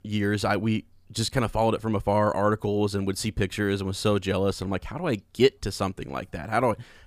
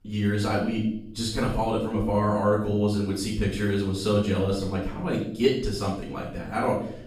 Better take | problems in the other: first | off-mic speech; far // room echo; noticeable; dies away in 0.6 s

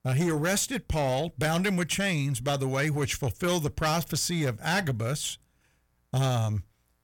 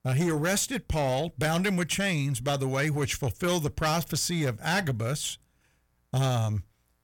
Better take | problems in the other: neither | distortion; slight; 10 dB below the speech; the same in both

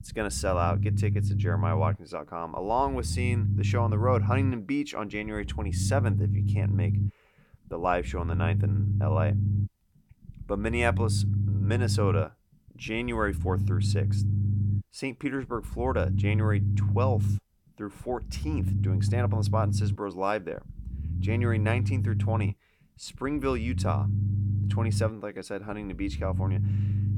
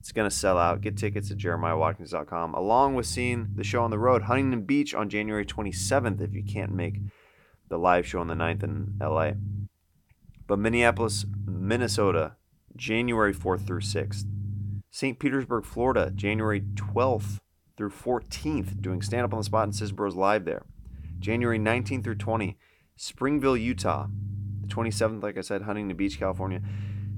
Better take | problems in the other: second | low rumble; loud; throughout; 9 dB below the speech; faint in the second

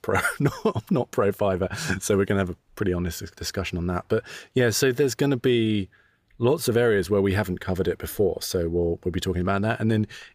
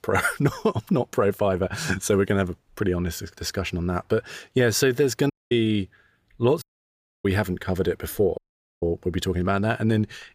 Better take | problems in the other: first | audio cutting out; at 5.5 s, at 6.5 s for 0.5 s and at 8.5 s

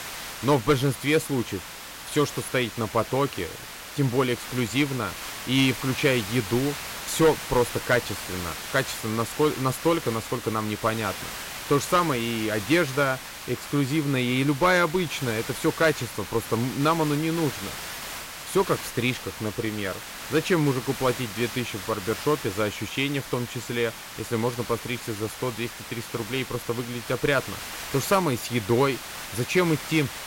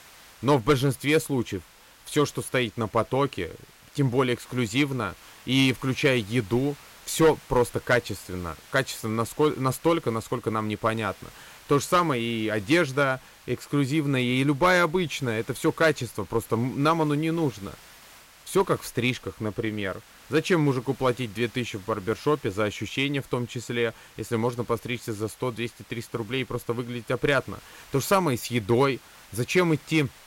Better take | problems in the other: second | hiss; loud; throughout; 9 dB below the speech; faint in the second

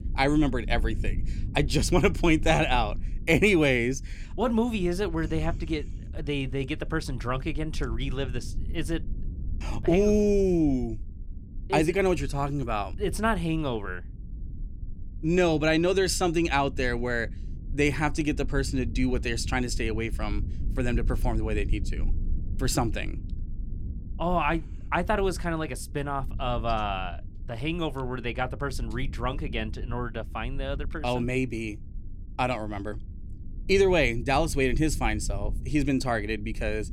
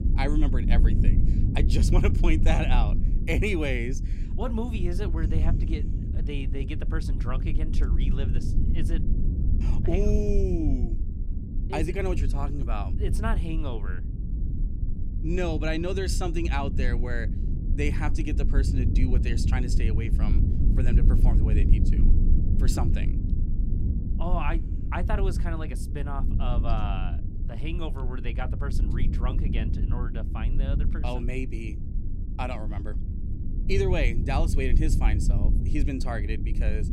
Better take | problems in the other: first | low rumble; loud; throughout; 7 dB below the speech; faint in the first

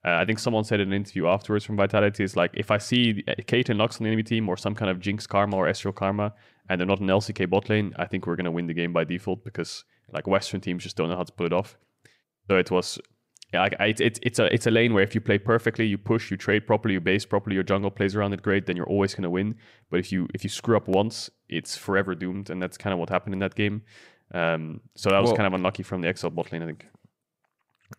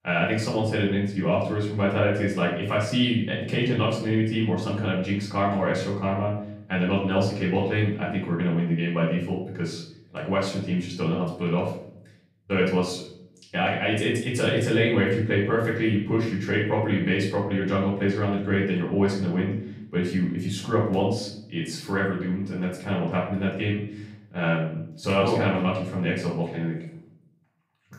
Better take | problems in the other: first | off-mic speech; far // room echo; noticeable; dies away in 0.6 s

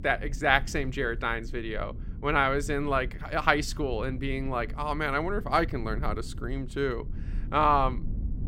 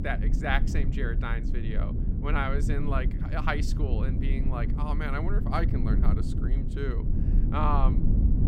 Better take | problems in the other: first | low rumble; loud; throughout; 8 dB below the speech; faint in the first

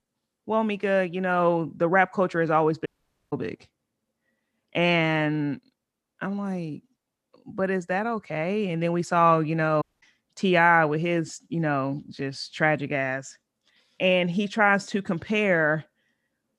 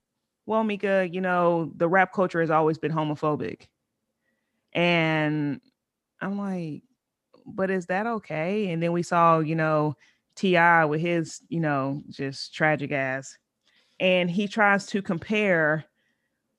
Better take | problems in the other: second | audio cutting out; at 3 s and at 10 s

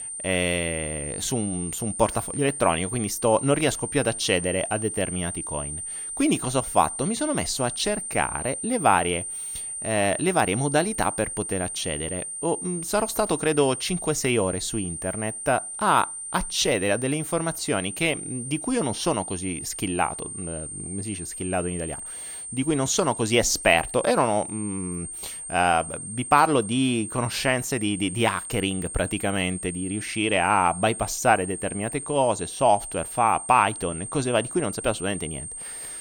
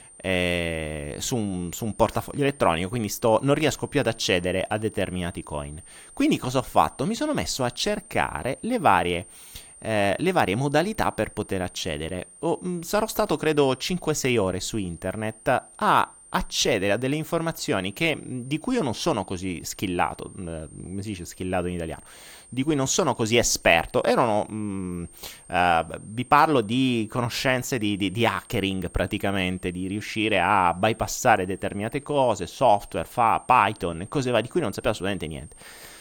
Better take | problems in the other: second | high-pitched whine; loud; throughout; 9 kHz, 7 dB below the speech; faint in the second

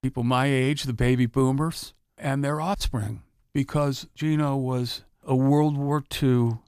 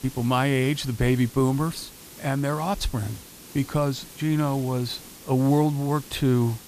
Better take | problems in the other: first | hiss; noticeable; throughout; 20 dB below the speech

